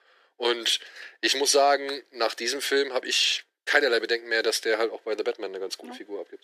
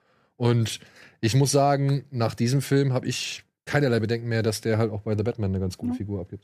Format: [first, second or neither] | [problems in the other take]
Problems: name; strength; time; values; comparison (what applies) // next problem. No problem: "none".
second | thin; very; fading below 350 Hz